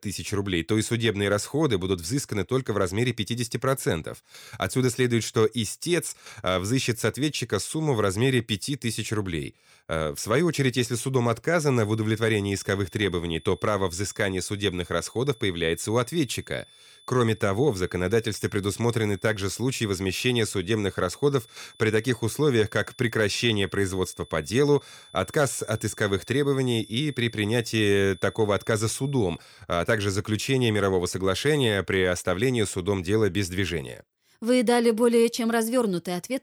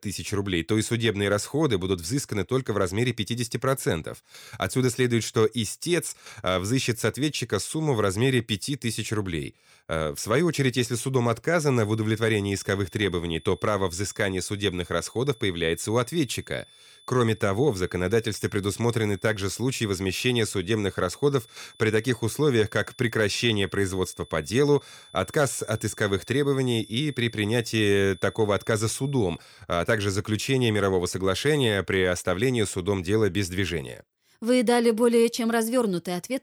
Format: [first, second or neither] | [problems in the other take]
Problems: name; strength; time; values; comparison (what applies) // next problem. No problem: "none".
neither | high-pitched whine; faint; from 12 to 29 s; 3.5 kHz, 25 dB below the speech; the same in both